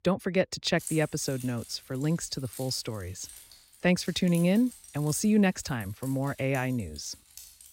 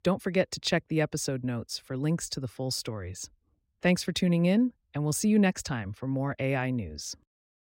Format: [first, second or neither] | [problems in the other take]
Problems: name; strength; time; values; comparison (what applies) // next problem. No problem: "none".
second | jangling keys; noticeable; from 1 s on; peak 10 dB below the speech